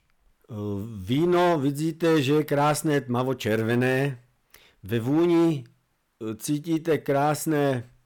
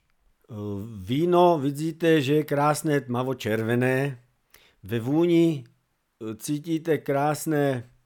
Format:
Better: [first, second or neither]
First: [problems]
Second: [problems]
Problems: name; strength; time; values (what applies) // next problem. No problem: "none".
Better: second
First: distortion; slight; 6% of the sound clipped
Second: none